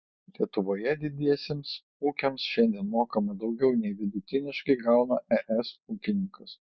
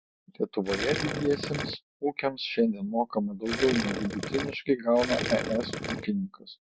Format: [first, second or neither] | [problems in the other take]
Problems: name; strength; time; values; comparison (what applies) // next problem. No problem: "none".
first | background sound (Gurgling); 4 dB below the speech